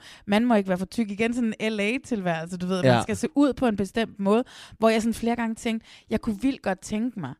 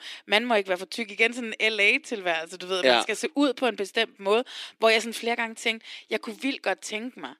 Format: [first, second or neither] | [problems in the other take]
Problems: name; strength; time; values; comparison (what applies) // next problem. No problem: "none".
first | thin; somewhat; fading below 300 Hz